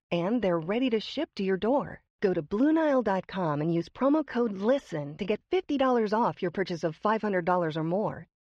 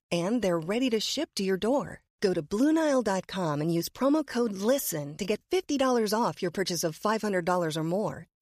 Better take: second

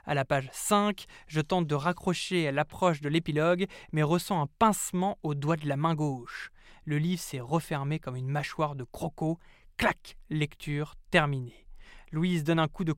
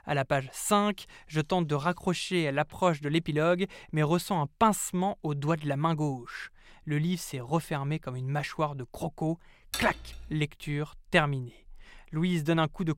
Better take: first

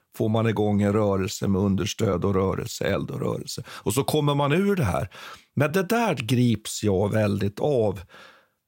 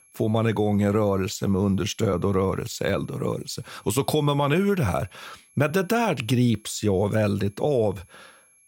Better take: first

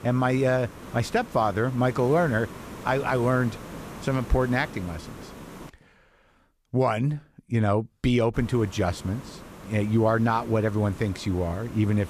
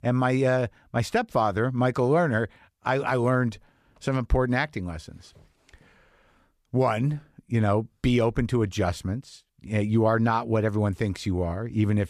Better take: second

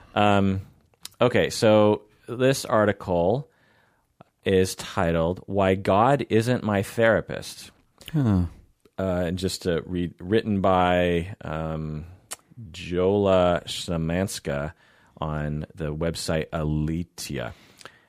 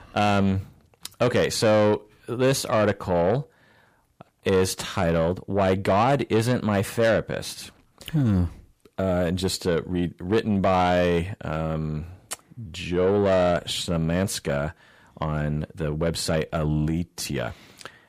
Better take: first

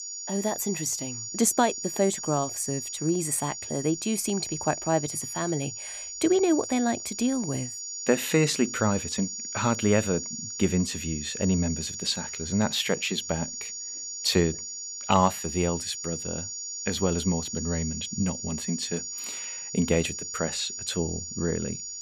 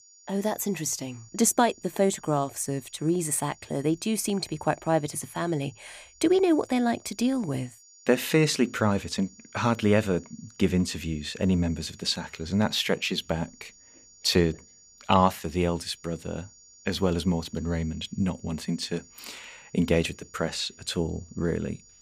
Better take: second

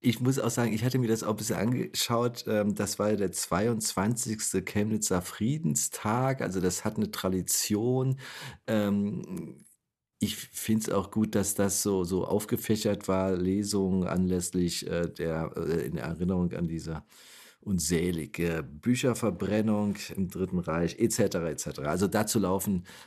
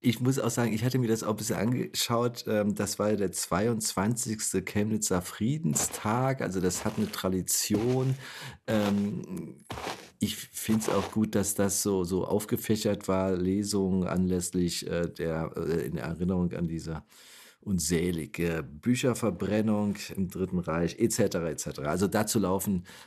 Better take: first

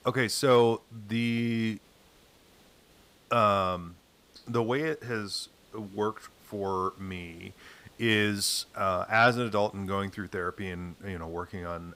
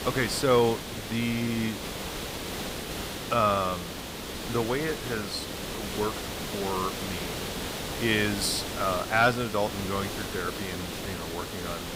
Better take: first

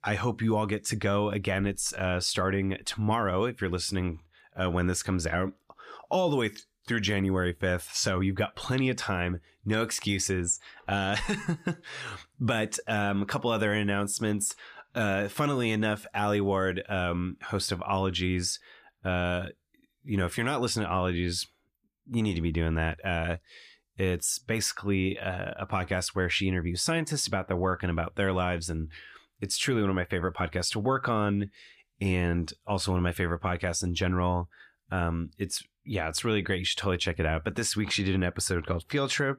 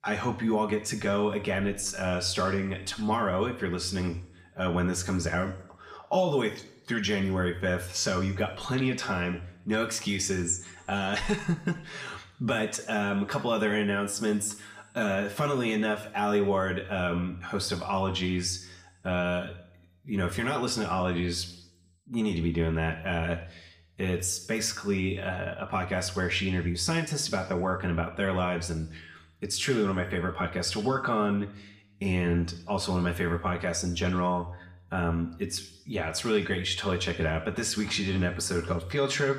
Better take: first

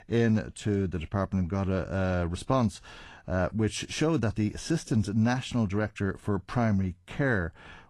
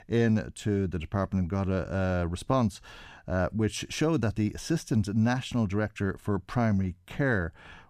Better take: second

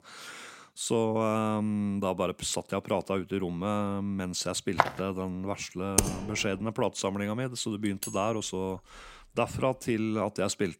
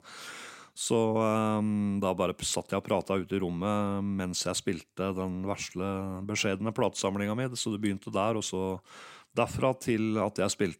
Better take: second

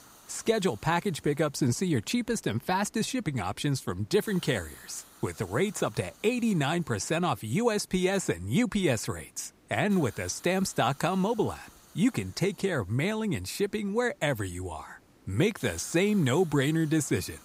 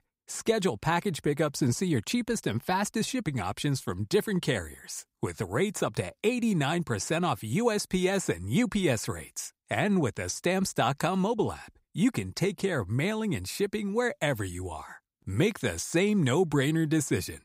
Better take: second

